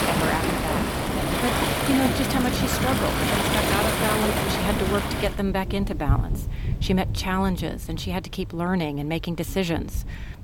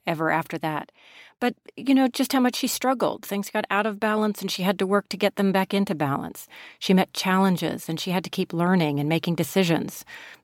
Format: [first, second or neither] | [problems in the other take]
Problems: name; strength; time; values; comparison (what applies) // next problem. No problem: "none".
second | rain or running water; very loud; throughout; 2 dB above the speech